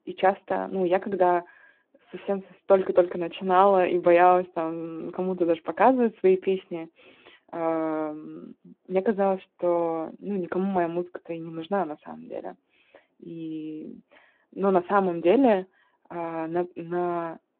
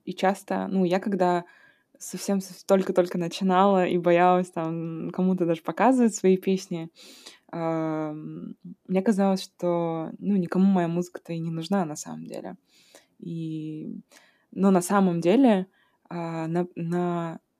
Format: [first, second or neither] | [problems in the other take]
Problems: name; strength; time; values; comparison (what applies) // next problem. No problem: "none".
second | phone-call audio